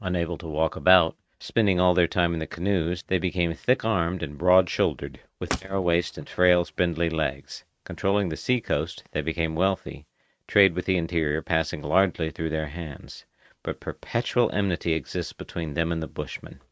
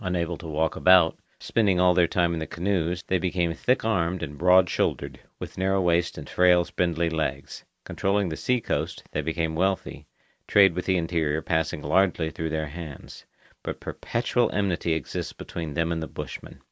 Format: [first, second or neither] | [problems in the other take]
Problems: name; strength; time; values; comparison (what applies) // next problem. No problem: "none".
second | noise reduction (neural mask model RNNoise)